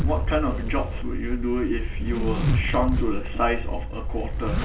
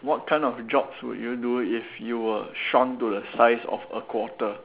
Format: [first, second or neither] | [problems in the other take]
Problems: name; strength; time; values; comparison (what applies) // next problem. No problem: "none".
second | background sound (Zipper (clothing)); 3 dB above the speech // room echo; dies away in 0.2 s